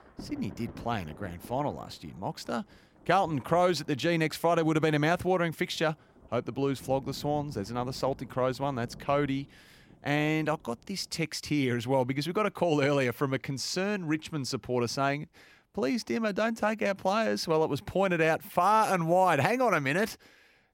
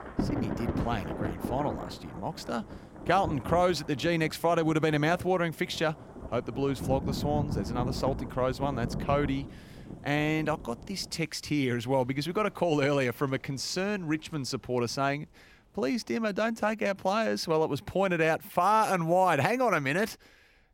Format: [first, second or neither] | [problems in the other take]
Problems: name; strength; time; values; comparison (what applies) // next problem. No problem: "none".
first | rain or running water; loud; throughout; 9 dB below the speech; faint in the first